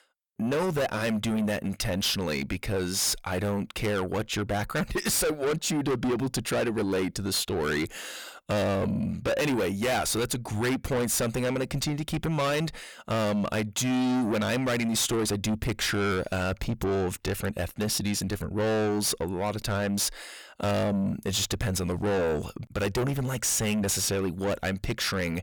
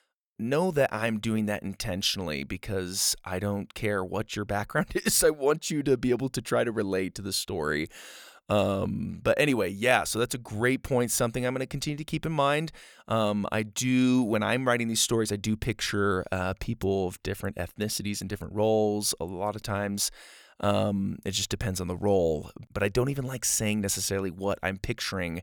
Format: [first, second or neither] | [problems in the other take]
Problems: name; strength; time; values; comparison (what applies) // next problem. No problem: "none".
second | distortion; heavy; 6 dB below the speech